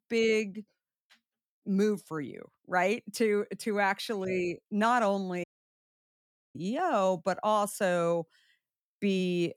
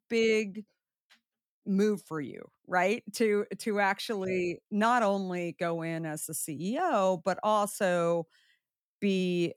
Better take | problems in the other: second | audio cutting out; at 5.5 s for 1 s

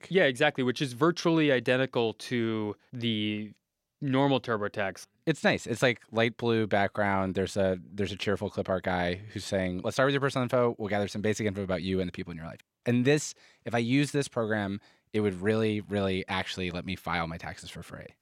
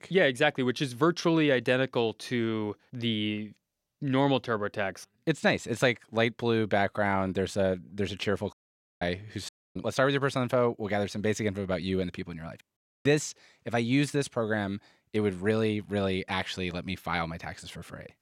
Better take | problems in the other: first | audio cutting out; at 8.5 s, at 9.5 s and at 13 s

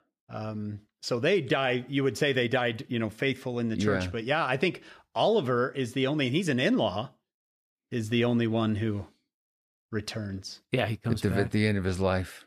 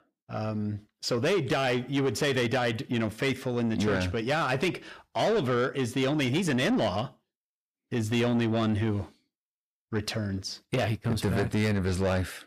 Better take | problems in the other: first | distortion; slight; 10 dB below the speech

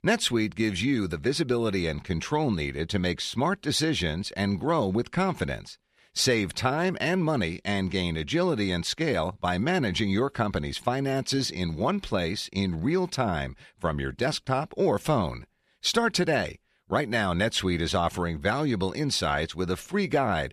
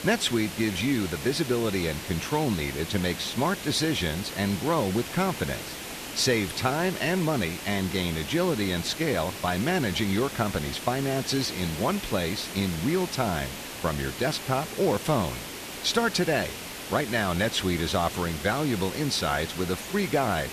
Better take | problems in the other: first | hiss; loud; throughout; 8 dB below the speech

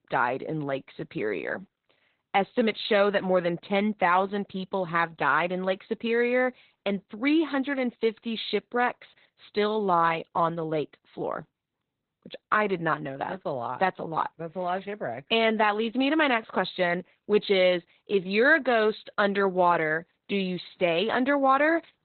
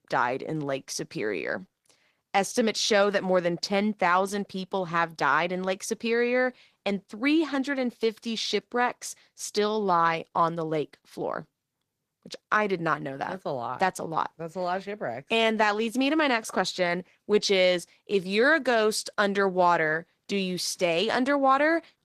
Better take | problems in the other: second | garbled, watery; badly; nothing above 4 kHz; slightly in the second

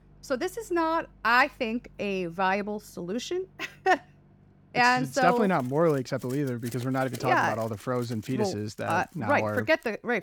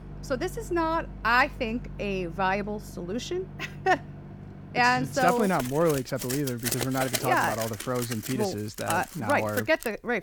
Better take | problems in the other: first | household noises; loud; throughout; 10 dB below the speech; faint in the first

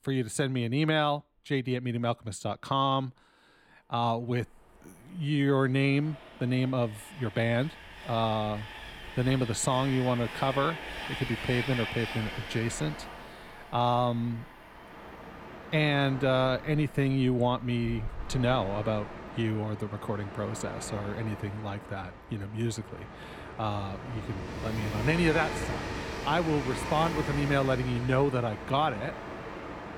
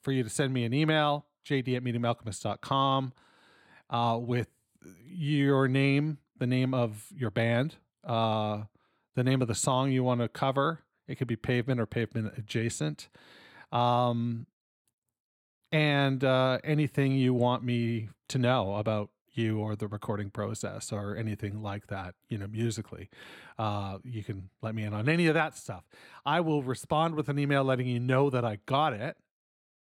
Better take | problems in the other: second | train or aircraft noise; loud; throughout; 10 dB below the speech

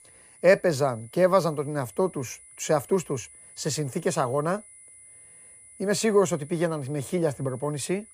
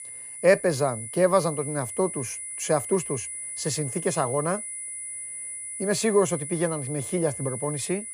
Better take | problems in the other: first | high-pitched whine; loud; throughout; 10 kHz, 7 dB below the speech; faint in the first

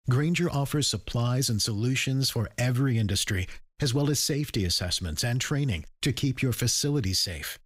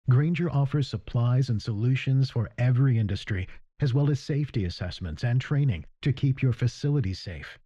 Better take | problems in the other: first | muffled; slightly; fading above 2.5 kHz

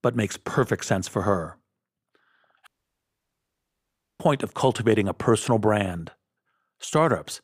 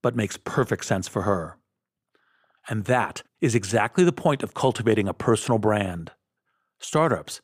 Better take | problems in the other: second | audio cutting out; at 2.5 s for 1.5 s

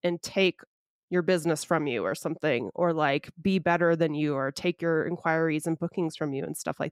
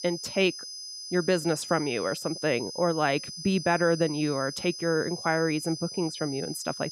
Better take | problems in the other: first | high-pitched whine; loud; throughout; 5 kHz, 9 dB below the speech

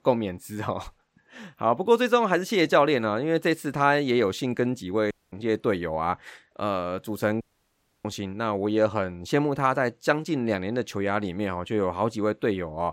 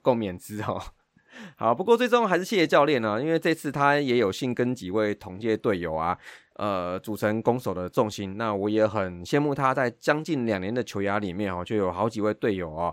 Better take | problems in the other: second | audio cutting out; at 5 s and at 7.5 s for 0.5 s

